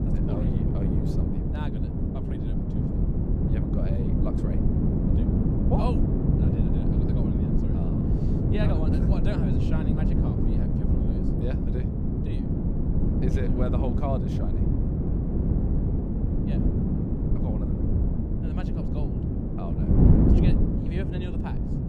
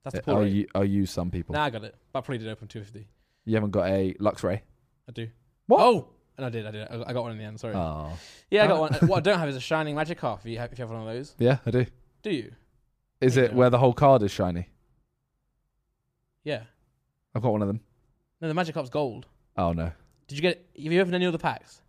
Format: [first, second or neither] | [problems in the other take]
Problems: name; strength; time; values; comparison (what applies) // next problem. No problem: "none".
second | wind noise on the microphone; heavy; 5 dB above the speech